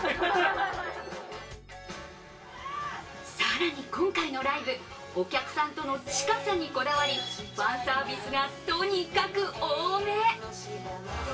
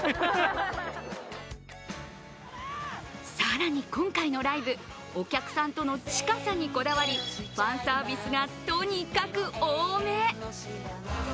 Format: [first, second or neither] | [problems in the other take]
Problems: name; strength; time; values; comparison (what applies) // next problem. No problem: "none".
second | room echo; dies away in 0.2 s